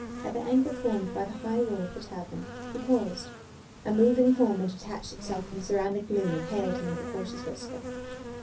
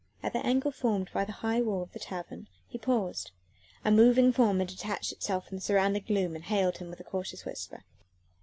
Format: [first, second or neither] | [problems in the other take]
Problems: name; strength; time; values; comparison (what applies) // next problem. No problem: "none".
second | background sound (Insect); 10 dB below the speech // room echo; dies away in 0.3 s